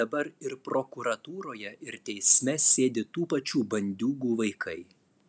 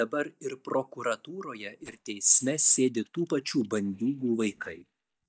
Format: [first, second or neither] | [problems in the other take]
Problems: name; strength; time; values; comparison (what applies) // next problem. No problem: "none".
first | noise reduction (neural mask model DeepFilterNet 3)